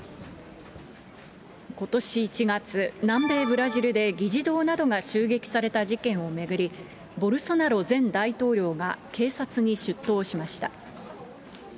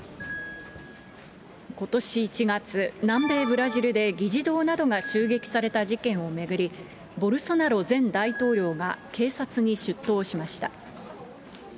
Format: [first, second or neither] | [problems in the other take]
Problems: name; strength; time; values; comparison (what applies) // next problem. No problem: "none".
first | background sound (Piano); 16 dB below the speech